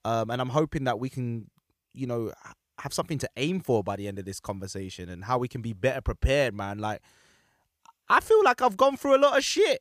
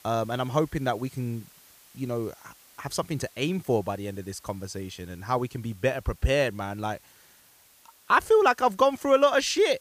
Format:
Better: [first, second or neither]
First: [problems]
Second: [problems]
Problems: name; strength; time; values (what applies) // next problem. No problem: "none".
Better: first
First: none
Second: hiss; faint; throughout; 25 dB below the speech